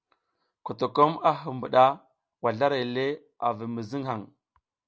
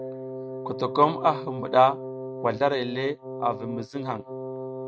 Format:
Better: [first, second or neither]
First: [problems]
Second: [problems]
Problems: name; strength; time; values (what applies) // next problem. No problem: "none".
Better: first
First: none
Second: noise reduction (neural mask model RNNoise)